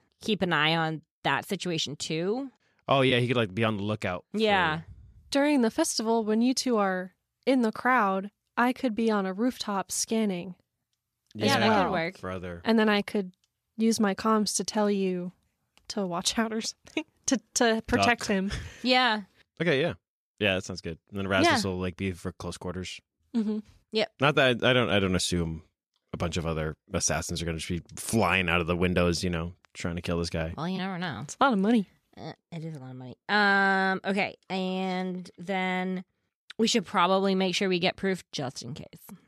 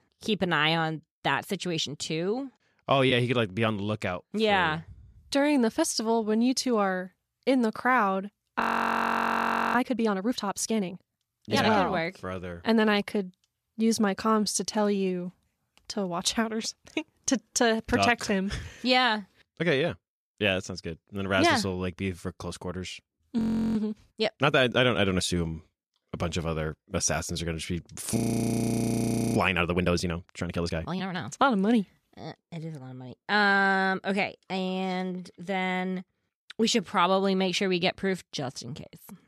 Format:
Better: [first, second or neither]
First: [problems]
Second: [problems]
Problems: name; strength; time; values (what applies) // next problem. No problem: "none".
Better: first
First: none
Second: audio freezing; at 8.5 s for 1 s, at 23 s and at 28 s for 1 s